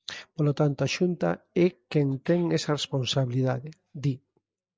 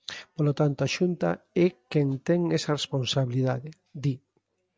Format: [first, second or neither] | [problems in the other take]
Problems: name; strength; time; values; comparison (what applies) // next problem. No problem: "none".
second | noise reduction (neural mask model Resemble Enhance denoiser)